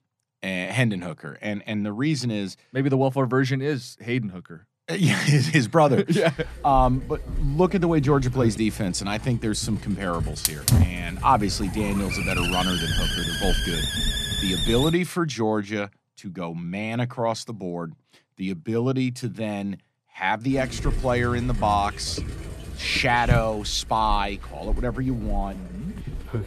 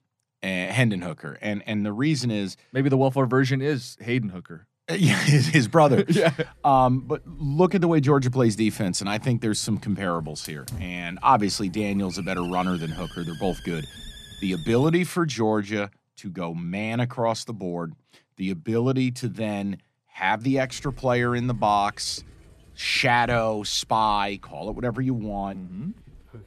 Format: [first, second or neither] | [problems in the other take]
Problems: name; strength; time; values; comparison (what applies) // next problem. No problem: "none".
second | hiss; loud; from 6.5 to 15 s and from 21 s on; 4 dB below the speech; faint in the second